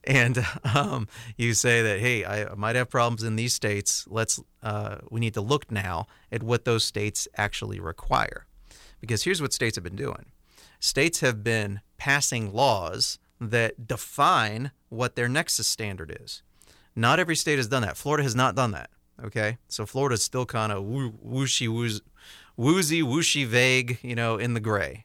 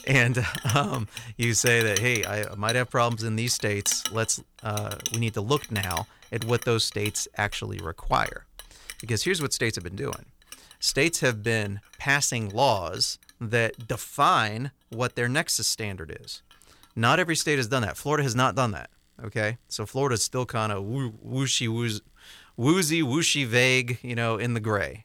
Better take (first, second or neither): first